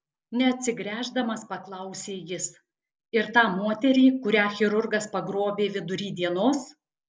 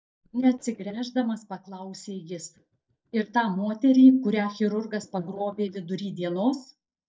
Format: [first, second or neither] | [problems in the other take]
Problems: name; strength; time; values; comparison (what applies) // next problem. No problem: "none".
first | noise reduction (neural mask model DeepFilterNet 3)